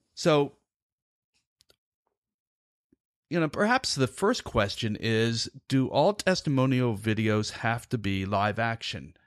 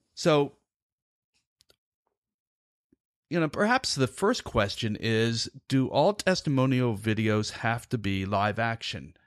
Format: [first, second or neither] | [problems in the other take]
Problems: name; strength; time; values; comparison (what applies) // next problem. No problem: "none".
neither | none